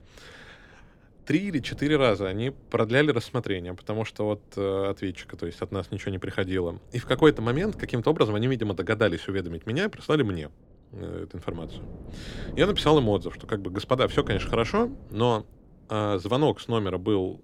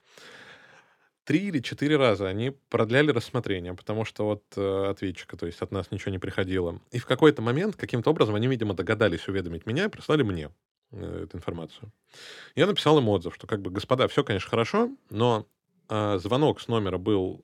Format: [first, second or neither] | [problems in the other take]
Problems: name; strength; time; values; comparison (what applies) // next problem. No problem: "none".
second | wind noise on the microphone; occasional gusts; 25 dB below the speech